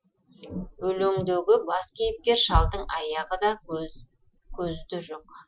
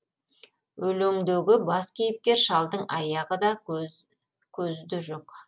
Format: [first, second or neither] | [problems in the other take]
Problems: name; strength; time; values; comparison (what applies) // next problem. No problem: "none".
second | noise reduction (classical method Wiener filter)